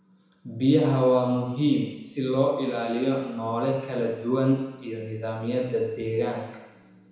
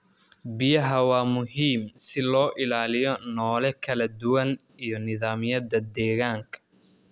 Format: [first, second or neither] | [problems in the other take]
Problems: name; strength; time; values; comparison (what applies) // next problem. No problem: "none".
second | room echo; dies away in 1 s